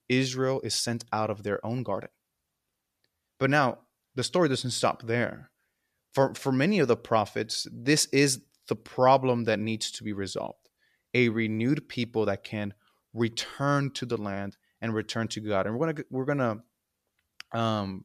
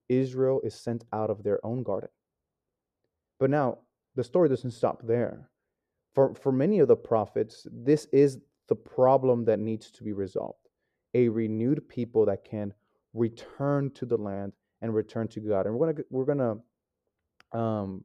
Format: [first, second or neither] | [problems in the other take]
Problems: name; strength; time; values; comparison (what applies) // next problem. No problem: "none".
first | muffled; very; fading above 1.5 kHz